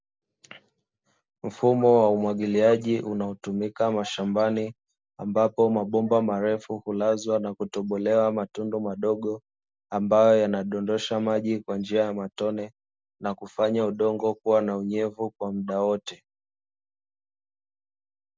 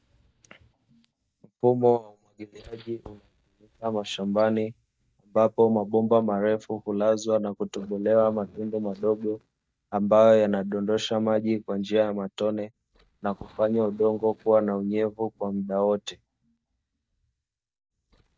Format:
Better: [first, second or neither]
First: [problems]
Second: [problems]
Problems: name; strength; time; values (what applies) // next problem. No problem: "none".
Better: first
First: none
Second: noise reduction (neural mask model DeepFilterNet 3)